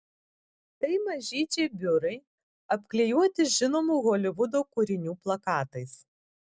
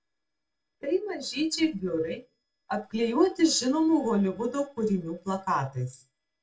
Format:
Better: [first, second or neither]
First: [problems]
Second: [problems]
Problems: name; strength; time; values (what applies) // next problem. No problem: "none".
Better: first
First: none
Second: noise reduction (neural separator model SepFormer DNS4)